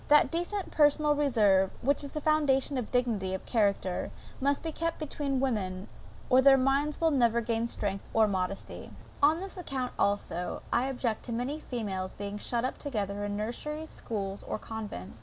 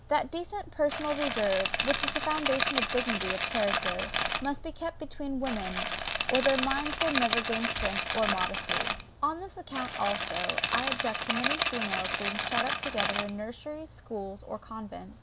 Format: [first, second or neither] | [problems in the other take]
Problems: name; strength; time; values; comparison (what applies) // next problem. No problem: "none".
first | background sound (Rattle); 1 dB above the speech